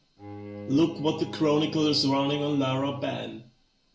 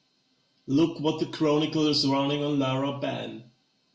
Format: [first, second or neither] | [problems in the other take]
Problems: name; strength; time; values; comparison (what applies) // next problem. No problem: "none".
second | background sound (Bowed string instrument); 15 dB below the speech